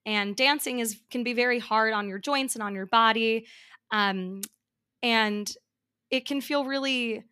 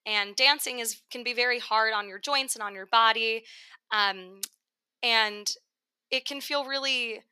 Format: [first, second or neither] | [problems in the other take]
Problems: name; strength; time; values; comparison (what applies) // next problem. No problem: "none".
first | thin; somewhat; fading below 550 Hz